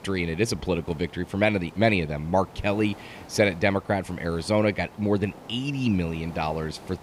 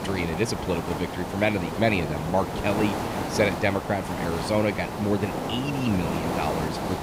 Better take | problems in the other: first | hiss; loud; throughout; 4 dB below the speech; faint in the first

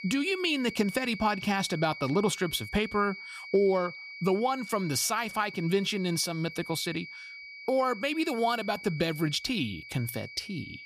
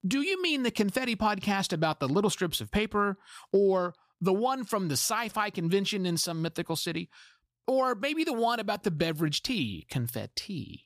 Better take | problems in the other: second | high-pitched whine; noticeable; throughout; 2.5 kHz, 10 dB below the speech

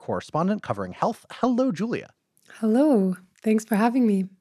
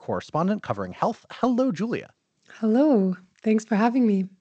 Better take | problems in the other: first | garbled, watery; slightly; nothing above 8 kHz

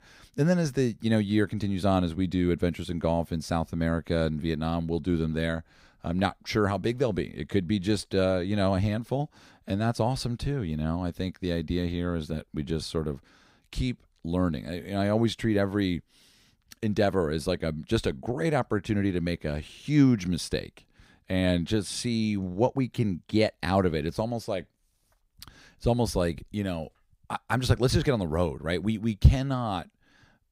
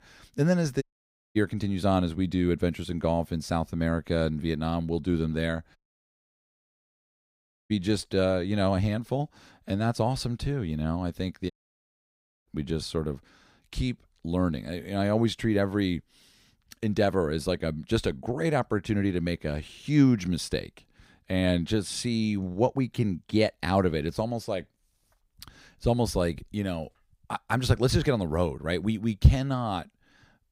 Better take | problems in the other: first | audio cutting out; at 1 s for 0.5 s, at 6 s for 2 s and at 12 s for 1 s

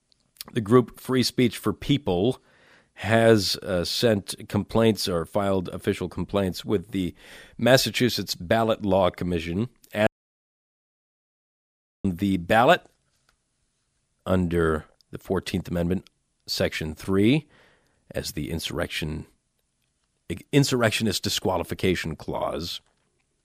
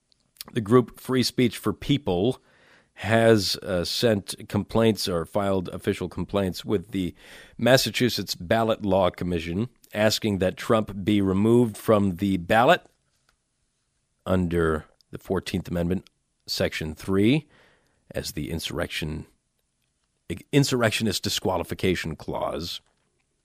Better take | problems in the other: second | audio cutting out; at 10 s for 2 s

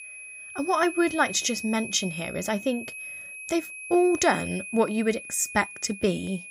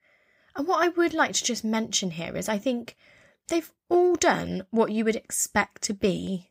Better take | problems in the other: second | high-pitched whine; noticeable; throughout; 2.5 kHz, 10 dB below the speech

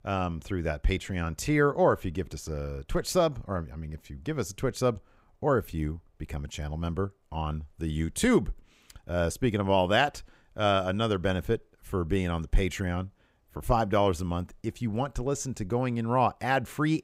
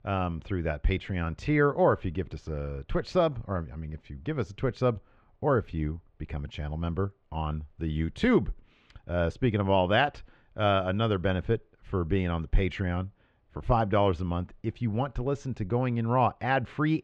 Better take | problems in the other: first | muffled; slightly; fading above 3.5 kHz

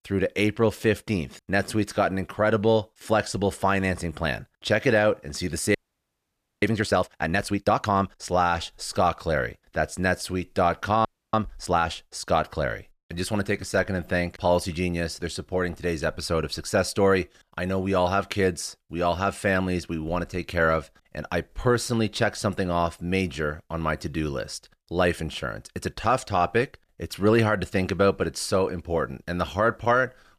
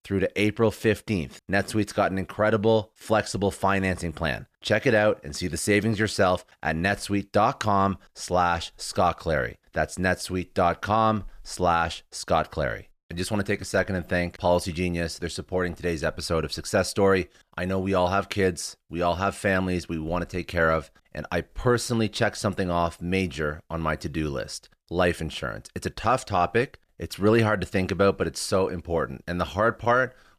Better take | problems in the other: second | audio freezing; at 6 s for 1 s and at 11 s

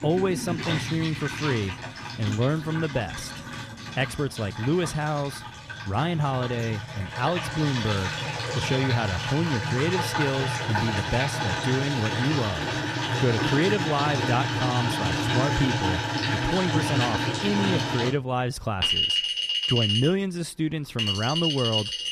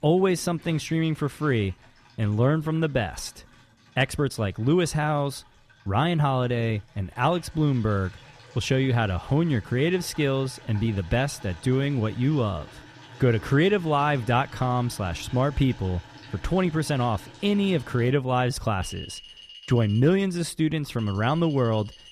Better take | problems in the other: second | household noises; loud; throughout; as loud as the speech; faint in the second

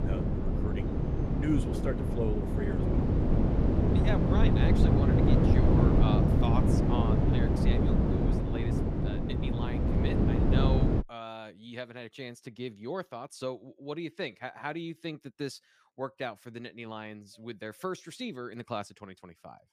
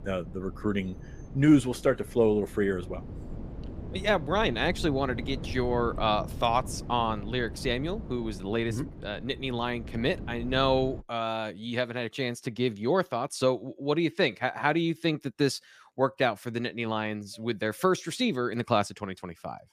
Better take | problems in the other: second | wind noise on the microphone; heavy; until 11 s; 5 dB above the speech; occasional gusts in the second

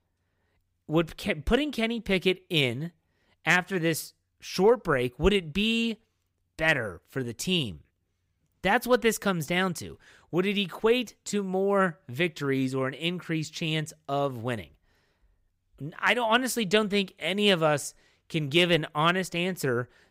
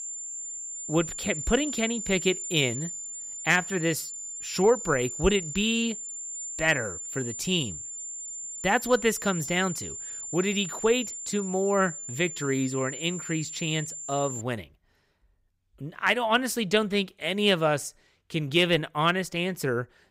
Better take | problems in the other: first | high-pitched whine; loud; until 14 s; 7 kHz, 7 dB below the speech

